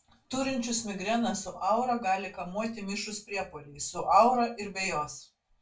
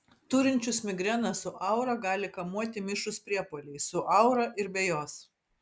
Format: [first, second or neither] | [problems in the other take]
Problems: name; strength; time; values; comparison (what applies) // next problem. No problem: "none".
second | room echo; dies away in 0.2 s